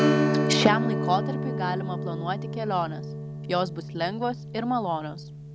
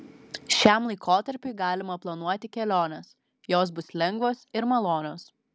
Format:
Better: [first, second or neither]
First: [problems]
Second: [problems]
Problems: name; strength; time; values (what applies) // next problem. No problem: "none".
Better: second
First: background sound (Strum); 1 dB above the speech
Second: none